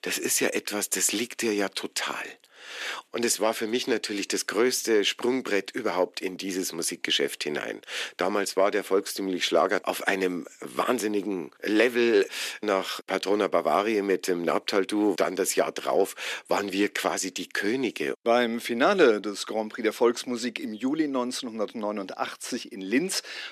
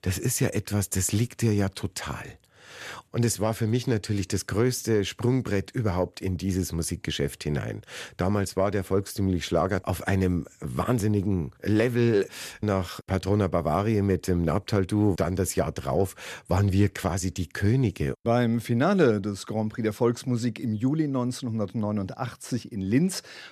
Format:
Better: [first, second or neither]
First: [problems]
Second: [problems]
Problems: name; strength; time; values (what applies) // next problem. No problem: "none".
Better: second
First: thin; somewhat; fading below 300 Hz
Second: none